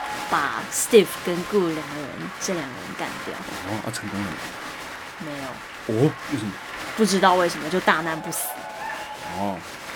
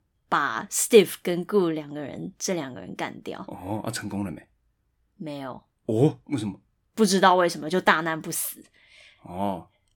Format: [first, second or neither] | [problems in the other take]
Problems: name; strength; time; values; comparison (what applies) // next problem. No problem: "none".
second | crowd noise; loud; throughout; 9 dB below the speech